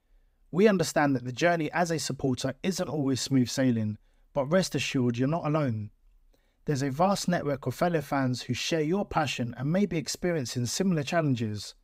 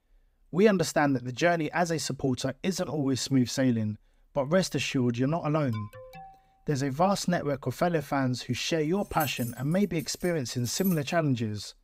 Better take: first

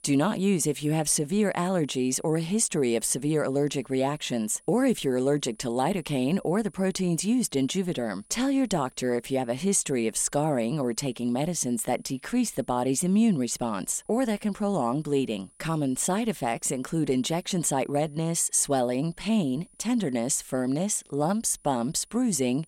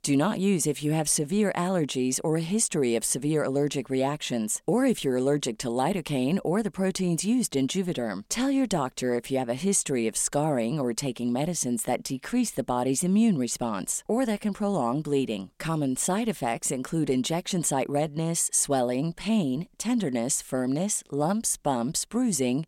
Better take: second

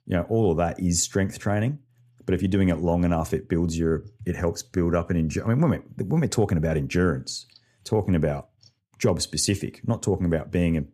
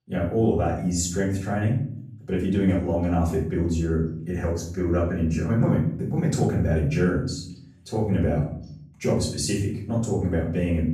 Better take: first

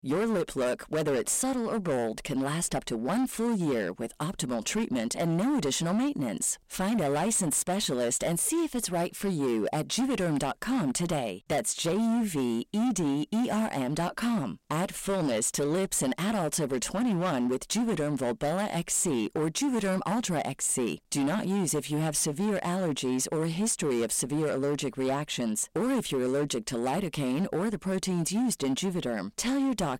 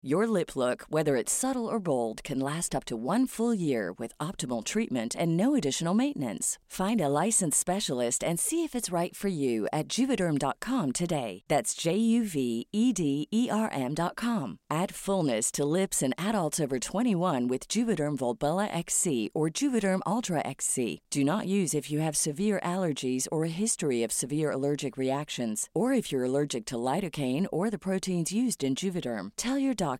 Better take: second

